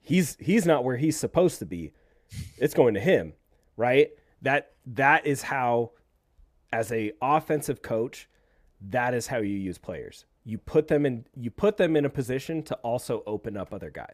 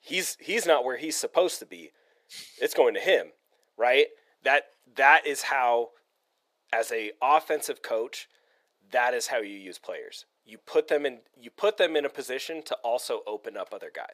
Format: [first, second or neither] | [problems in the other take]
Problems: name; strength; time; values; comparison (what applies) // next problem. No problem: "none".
first | thin; very; fading below 500 Hz